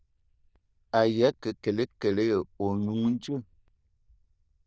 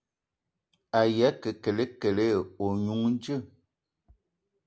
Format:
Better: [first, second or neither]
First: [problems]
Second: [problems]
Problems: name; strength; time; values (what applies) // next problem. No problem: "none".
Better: second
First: noise reduction (neural diffusion model UNIVERSE++)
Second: none